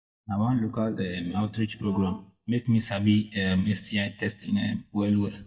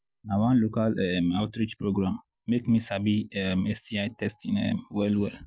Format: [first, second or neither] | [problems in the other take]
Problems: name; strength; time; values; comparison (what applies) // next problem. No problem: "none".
second | noise reduction (neural mask model DeepFilterNet 3)